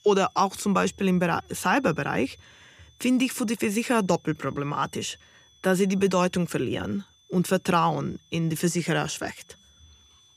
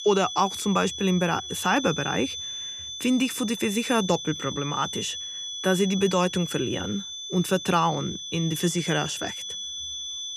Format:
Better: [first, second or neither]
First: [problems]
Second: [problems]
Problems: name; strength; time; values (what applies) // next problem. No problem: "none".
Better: first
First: high-pitched whine; faint; throughout; 3.5 kHz, 30 dB below the speech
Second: high-pitched whine; loud; throughout; 3.5 kHz, 7 dB below the speech